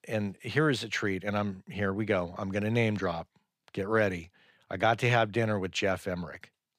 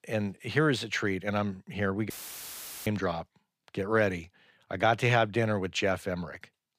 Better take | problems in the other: first | audio cutting out; filled with static; at 2 s for 1 s

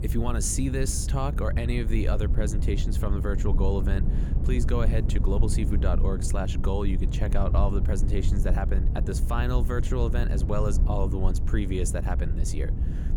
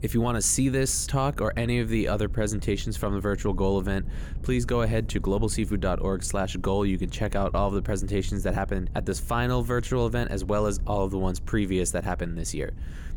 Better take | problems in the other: second | low rumble; loud; throughout; 9 dB below the speech; faint in the second

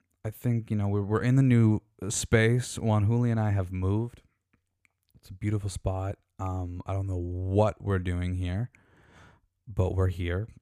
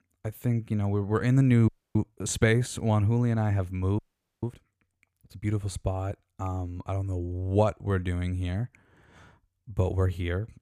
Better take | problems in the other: first | audio freezing; at 1.5 s and at 4 s

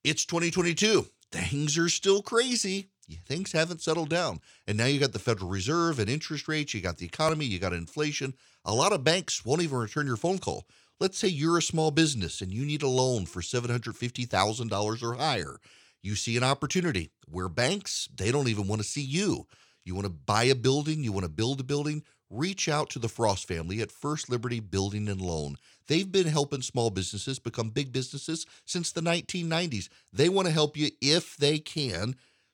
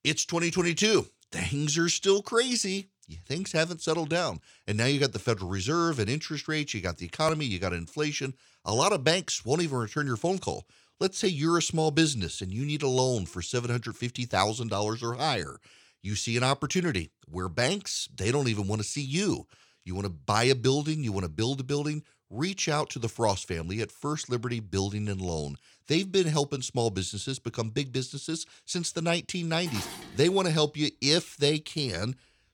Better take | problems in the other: first | clattering dishes; noticeable; at 30 s; peak 9 dB below the speech

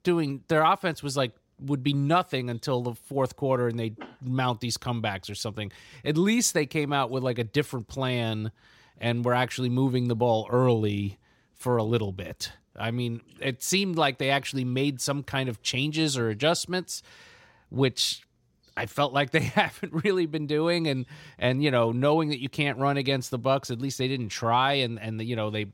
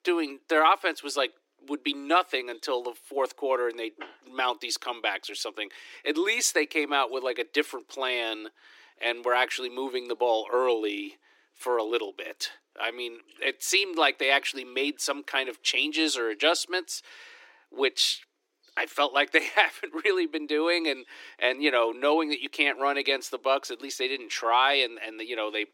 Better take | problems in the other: first | thin; somewhat; fading below 300 Hz

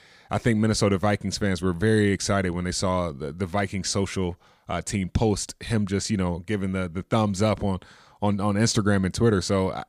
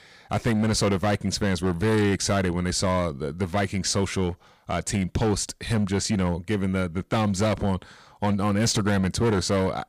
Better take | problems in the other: first | distortion; slight; 12% of the sound clipped

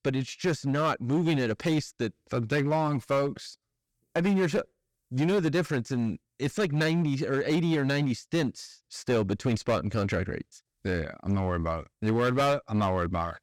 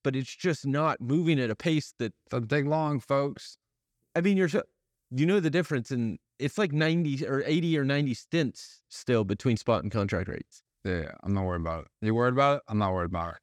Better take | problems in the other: second | distortion; slight; 9% of the sound clipped

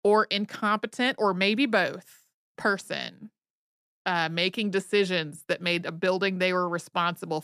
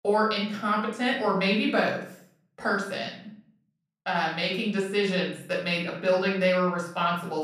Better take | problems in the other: first | off-mic speech; far // room echo; noticeable; dies away in 0.5 s

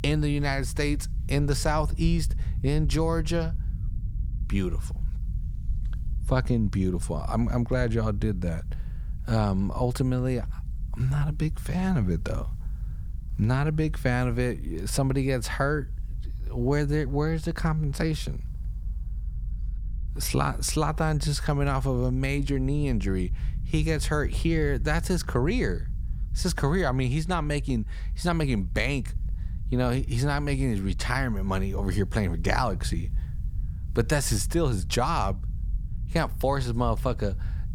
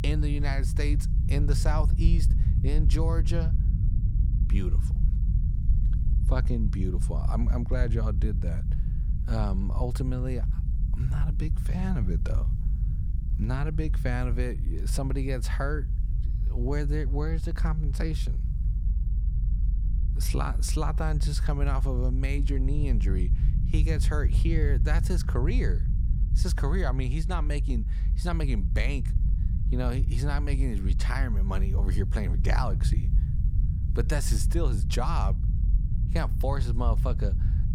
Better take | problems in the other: first | low rumble; loud; throughout; 9 dB below the speech; faint in the first

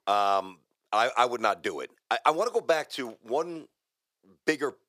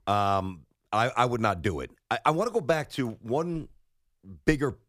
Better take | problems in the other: second | thin; somewhat; fading below 450 Hz

